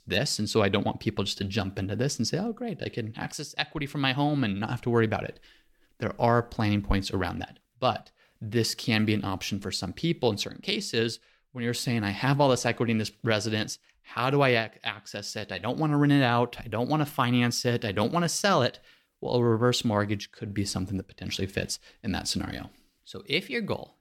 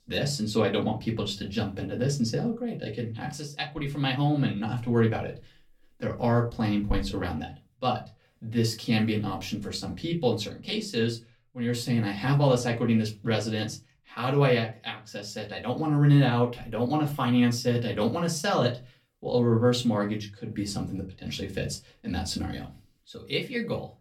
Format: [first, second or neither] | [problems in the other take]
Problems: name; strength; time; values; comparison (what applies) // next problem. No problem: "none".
first | off-mic speech; far // room echo; very slight; dies away in 0.2 s